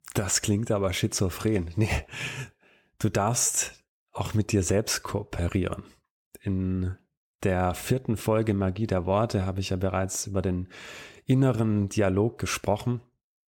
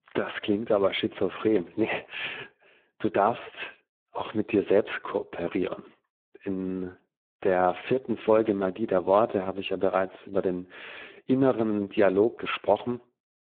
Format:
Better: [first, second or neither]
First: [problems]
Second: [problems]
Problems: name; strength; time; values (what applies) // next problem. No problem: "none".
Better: first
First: none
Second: phone-call audio; poor line